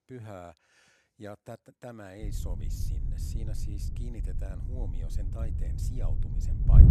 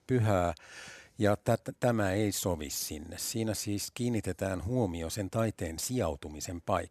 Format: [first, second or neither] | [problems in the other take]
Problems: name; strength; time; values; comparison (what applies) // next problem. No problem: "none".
second | wind noise on the microphone; heavy; from 2 s on; as loud as the speech